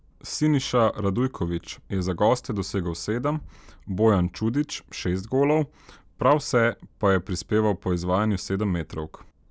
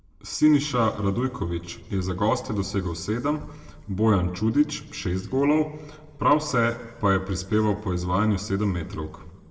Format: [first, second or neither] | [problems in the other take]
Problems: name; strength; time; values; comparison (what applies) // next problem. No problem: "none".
first | room echo; dies away in 1.3 s